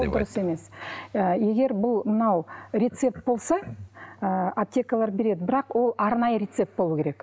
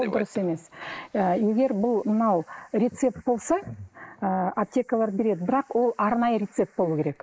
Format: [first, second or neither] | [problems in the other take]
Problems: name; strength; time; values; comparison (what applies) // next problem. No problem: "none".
first | noise reduction (neural mask model Resemble Enhance denoiser)